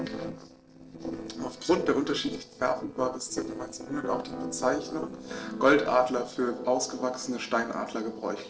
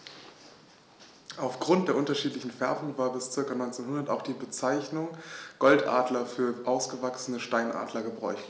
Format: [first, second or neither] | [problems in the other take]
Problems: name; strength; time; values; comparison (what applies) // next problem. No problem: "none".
second | noise reduction (neural separator model SepFormer DNS4)